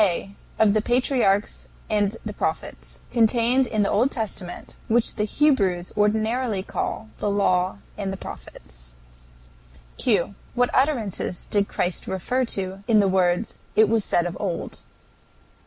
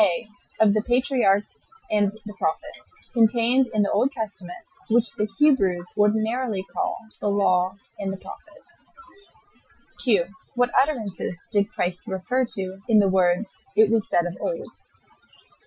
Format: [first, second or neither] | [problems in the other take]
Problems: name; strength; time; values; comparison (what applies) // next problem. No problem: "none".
first | noise reduction (classical method Wiener filter)